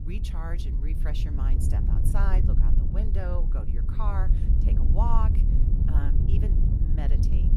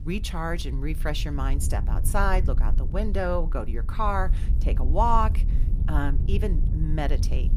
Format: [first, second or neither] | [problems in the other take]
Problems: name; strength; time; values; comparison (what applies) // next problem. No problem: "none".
second | wind noise on the microphone; heavy; 3 dB below the speech; occasional gusts in the second